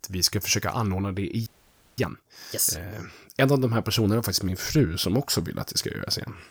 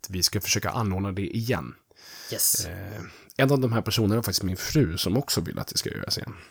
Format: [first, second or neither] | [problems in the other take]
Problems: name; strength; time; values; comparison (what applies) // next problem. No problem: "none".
second | audio freezing; at 1.5 s for 0.5 s